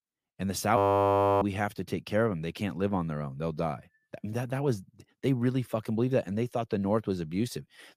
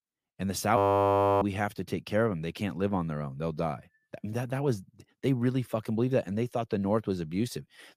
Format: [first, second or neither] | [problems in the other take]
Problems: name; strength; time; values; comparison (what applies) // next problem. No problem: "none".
neither | audio freezing; at 1 s for 0.5 s; the same in both